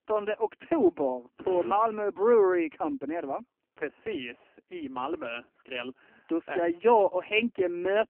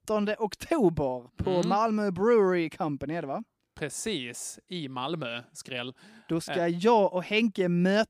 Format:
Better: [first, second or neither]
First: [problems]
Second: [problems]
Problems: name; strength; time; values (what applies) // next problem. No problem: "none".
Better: second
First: phone-call audio; poor line; nothing above 3 kHz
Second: none